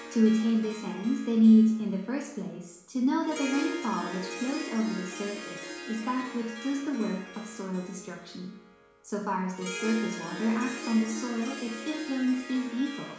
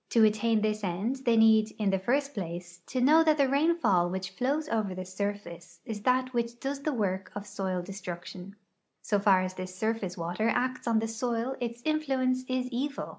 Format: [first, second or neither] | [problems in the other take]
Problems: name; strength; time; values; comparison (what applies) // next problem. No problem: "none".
second | background sound (Harp); 12 dB below the speech // room echo; dies away in 0.7 s